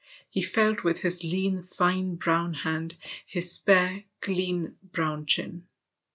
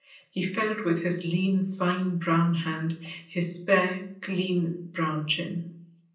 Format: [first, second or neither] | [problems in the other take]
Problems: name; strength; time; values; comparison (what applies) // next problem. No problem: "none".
first | room echo; dies away in 0.6 s